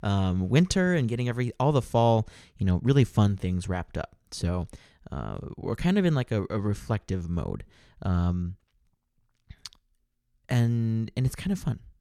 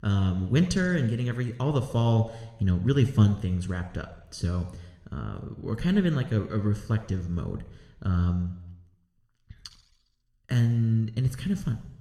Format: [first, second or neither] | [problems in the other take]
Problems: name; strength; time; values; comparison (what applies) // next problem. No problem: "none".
first | room echo; slight; dies away in 0.9 s